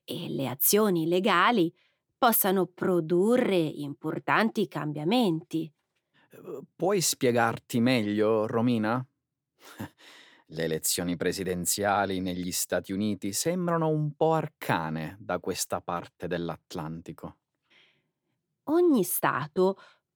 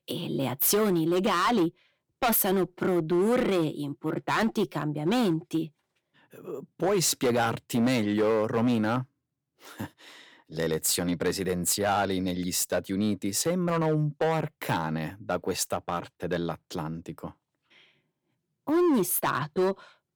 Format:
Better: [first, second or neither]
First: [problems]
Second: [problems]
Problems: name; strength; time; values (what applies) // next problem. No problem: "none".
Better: first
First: none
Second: distortion; slight; 7% of the sound clipped